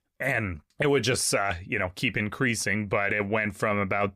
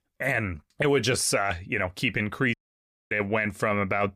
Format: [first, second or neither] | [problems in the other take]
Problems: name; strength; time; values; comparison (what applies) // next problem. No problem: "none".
first | audio cutting out; at 2.5 s for 0.5 s